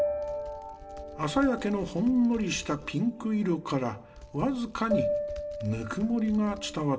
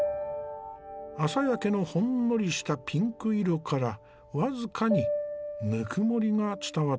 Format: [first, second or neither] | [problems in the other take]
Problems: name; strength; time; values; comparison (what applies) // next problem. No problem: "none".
second | background sound (Typing); 19 dB below the speech // room echo; dies away in 0.5 s